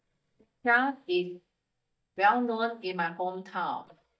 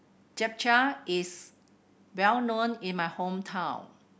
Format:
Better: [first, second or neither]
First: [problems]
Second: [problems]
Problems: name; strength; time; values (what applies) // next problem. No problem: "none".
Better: second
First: noise reduction (neural mask model DeepFilterNet 3)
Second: none